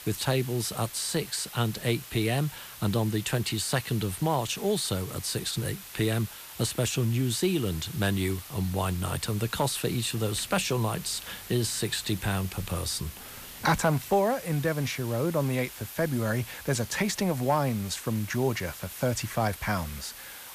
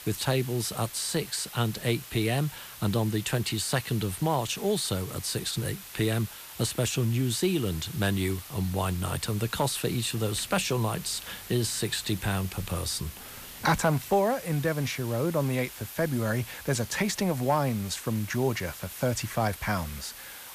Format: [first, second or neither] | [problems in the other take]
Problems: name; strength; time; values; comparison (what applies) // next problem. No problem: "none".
neither | hiss; noticeable; throughout; 15 dB below the speech; the same in both